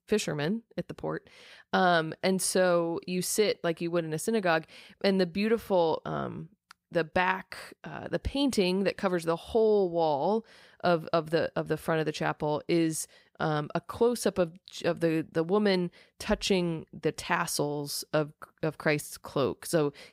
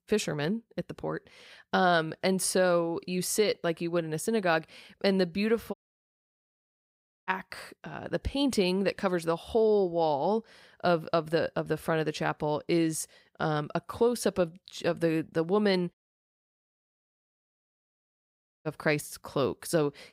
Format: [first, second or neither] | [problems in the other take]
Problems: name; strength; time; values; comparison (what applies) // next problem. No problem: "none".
first | audio cutting out; at 5.5 s for 1.5 s and at 16 s for 2.5 s